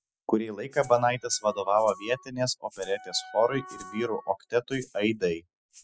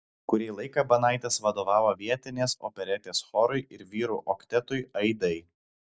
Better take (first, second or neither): second